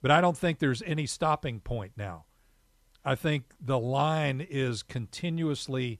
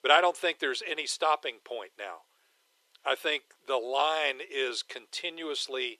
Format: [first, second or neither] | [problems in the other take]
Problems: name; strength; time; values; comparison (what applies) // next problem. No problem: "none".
first | thin; very; fading below 400 Hz